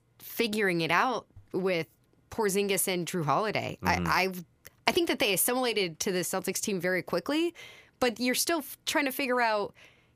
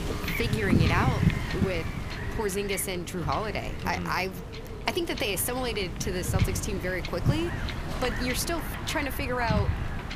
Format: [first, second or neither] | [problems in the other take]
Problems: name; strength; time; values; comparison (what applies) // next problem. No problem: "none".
first | wind noise on the microphone; heavy; 5 dB below the speech